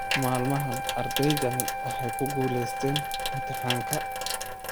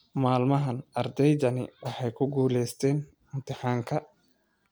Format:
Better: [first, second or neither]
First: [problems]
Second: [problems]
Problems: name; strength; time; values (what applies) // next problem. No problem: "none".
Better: second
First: background sound (Wind instrument, woodwind instrument + Sink (filling or washing) / Water tap, faucet); as loud as the speech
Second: none